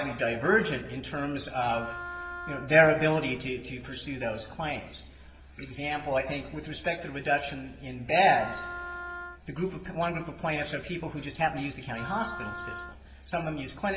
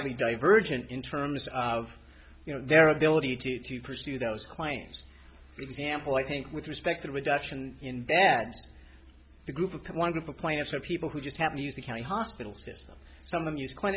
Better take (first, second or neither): second